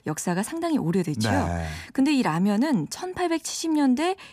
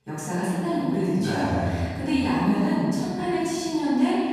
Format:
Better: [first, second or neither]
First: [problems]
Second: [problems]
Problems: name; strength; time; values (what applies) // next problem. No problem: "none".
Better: first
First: none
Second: off-mic speech; far // room echo; strong; dies away in 2.1 s